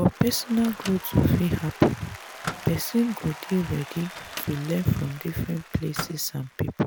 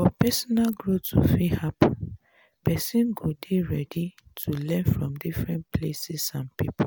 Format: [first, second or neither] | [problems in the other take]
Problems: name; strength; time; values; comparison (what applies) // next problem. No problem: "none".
second | background sound (Applause + Microwave oven); 14 dB below the speech